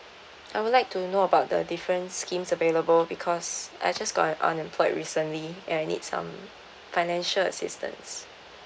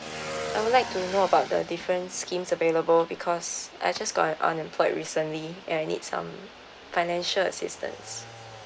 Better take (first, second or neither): first